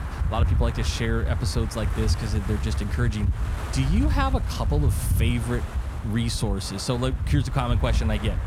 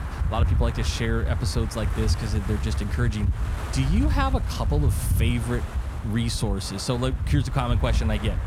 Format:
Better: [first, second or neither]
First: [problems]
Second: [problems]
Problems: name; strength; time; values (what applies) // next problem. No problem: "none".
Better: neither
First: wind noise on the microphone; heavy; 8 dB below the speech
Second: wind noise on the microphone; heavy; 8 dB below the speech